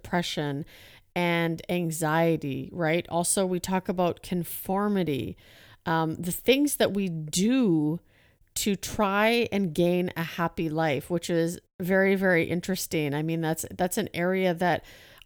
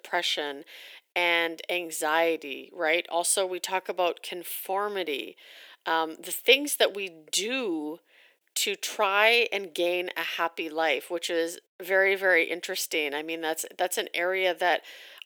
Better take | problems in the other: first | thin; very; fading below 400 Hz

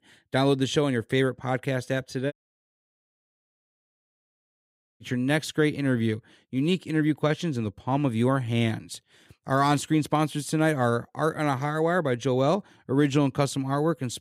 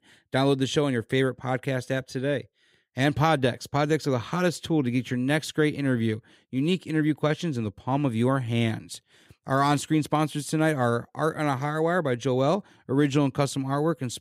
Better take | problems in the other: second | audio cutting out; at 2.5 s for 2.5 s

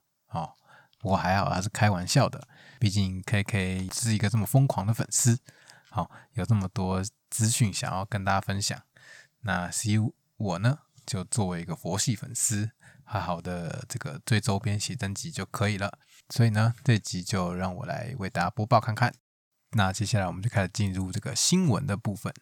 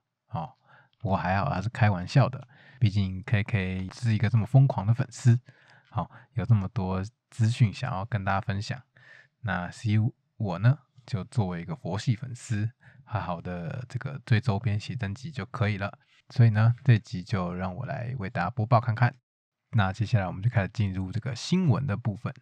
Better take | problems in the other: first | muffled; slightly; fading above 3 kHz

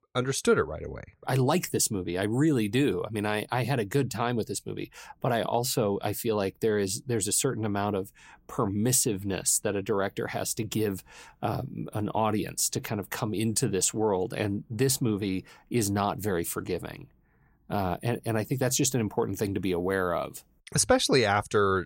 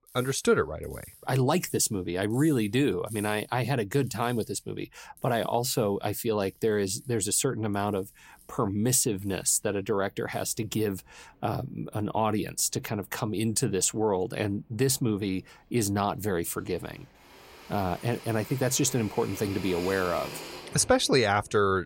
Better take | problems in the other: first | machinery noise; noticeable; throughout; 20 dB below the speech

